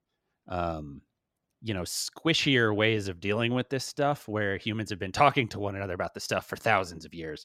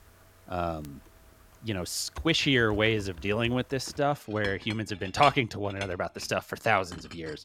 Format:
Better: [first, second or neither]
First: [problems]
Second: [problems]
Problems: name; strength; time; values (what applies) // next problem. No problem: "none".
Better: first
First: none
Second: household noises; noticeable; throughout; 15 dB below the speech